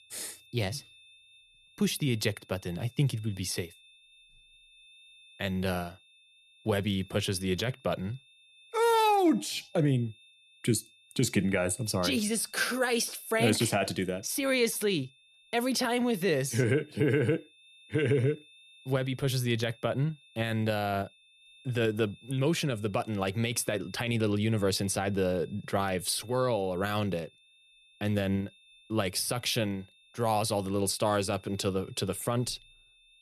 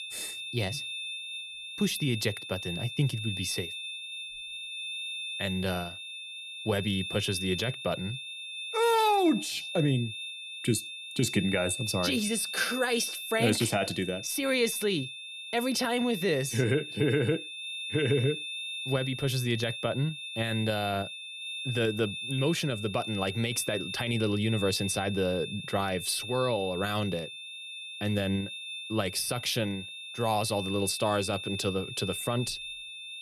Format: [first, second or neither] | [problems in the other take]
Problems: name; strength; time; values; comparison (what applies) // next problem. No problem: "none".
first | high-pitched whine; loud; throughout; 3.5 kHz, 7 dB below the speech; faint in the first